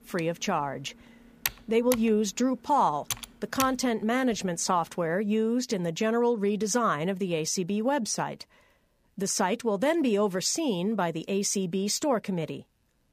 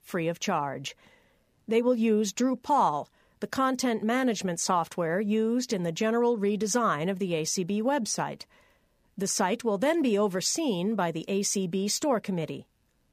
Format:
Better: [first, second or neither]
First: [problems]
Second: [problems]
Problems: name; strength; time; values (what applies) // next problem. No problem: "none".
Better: second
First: keyboard typing; noticeable; until 3.5 s; peak 5 dB below the speech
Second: none